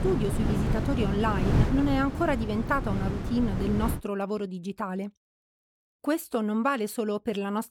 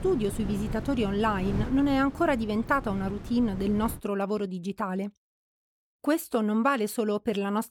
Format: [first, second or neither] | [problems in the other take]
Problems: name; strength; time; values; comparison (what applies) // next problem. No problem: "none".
second | wind noise on the microphone; heavy; until 4 s; 6 dB below the speech; occasional gusts in the second